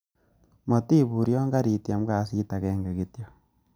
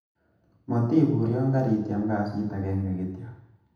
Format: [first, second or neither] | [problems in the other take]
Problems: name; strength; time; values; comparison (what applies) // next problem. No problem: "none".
first | room echo; dies away in 0.8 s